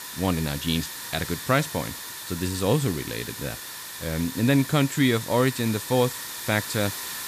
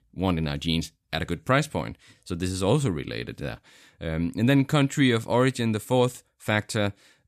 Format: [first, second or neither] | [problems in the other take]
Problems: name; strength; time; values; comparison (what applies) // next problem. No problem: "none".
second | hiss; loud; throughout; 8 dB below the speech